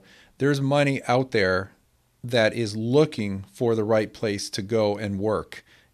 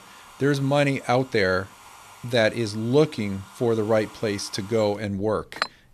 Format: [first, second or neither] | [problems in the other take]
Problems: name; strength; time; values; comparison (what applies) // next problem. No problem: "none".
first | household noises; noticeable; throughout; 15 dB below the speech